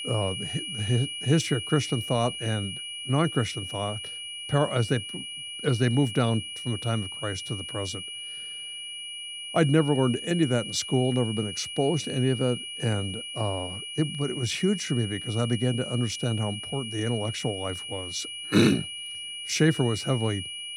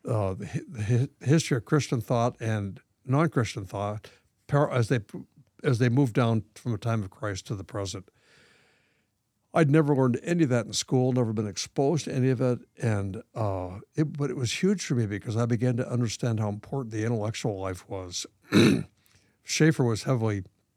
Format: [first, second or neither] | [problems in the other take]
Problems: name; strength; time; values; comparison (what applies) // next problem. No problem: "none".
second | high-pitched whine; loud; throughout; 3 kHz, 7 dB below the speech